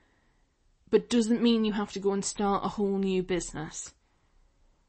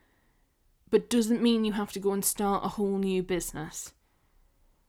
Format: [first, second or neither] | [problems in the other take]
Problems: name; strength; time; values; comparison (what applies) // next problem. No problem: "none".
second | garbled, watery; slightly; nothing above 8 kHz